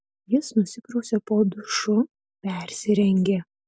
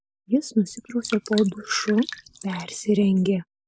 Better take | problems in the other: first | background sound (Drip); 13 dB below the speech

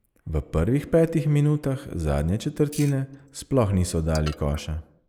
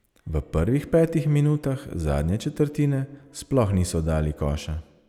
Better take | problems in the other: second | noise reduction (neural mask model Resemble Enhance denoiser)

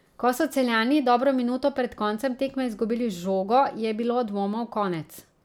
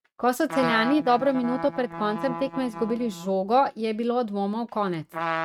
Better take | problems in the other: first | noise reduction (neural mask model RNNoise)

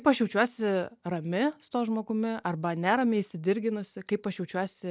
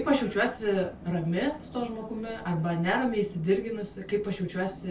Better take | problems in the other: first | background sound (Vehicle); 17 dB below the speech // room echo; dies away in 0.2 s

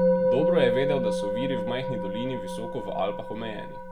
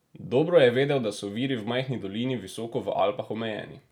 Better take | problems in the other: second | background sound (Musical instrument); 3 dB above the speech

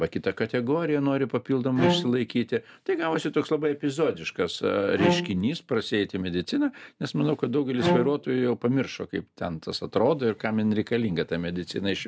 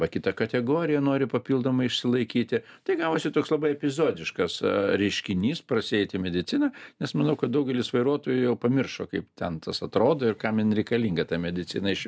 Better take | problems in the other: second | background sound (Bowed string instrument); 3 dB below the speech

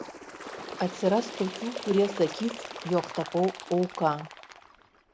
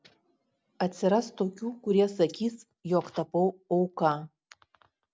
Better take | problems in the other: second | background sound (Bird); 11 dB below the speech

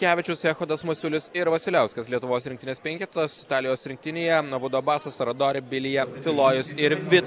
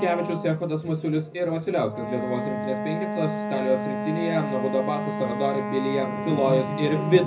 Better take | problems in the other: first | background sound (Wind instrument, woodwind instrument); 5 dB below the speech // room echo; dies away in 0.4 s

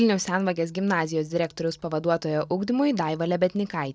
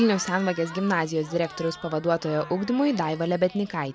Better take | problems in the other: first | background sound (Crowd / Cheering); 17 dB below the speech

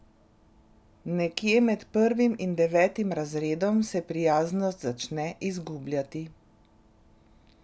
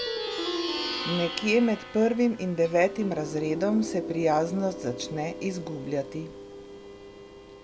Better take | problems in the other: first | background sound (Plucked string instrument); 8 dB below the speech

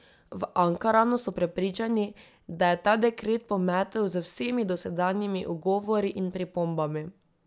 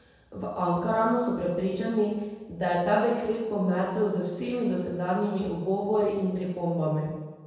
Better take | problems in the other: first | room echo; dies away in 1.2 s

